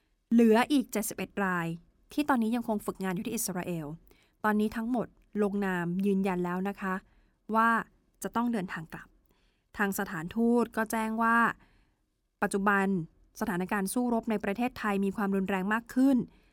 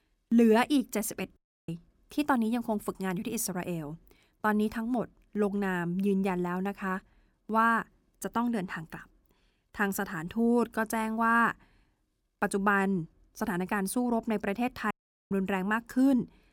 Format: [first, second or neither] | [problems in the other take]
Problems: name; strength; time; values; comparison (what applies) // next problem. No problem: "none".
first | audio cutting out; at 1.5 s and at 15 s